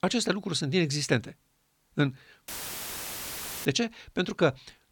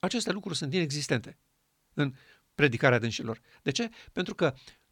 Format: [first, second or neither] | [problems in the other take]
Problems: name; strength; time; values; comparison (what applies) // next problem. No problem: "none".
second | audio cutting out; filled with static; at 2.5 s for 1 s